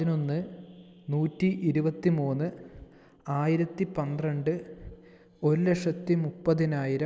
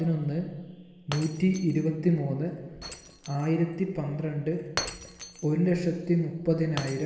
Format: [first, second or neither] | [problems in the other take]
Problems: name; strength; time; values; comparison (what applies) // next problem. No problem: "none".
first | background sound (Shatter); 15 dB below the speech // room echo; dies away in 1.1 s